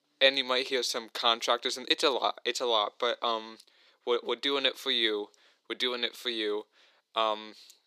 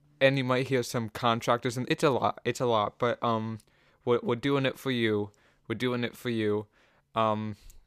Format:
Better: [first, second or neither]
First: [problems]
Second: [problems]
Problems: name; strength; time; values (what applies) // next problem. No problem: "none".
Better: second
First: thin; somewhat; fading below 300 Hz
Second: none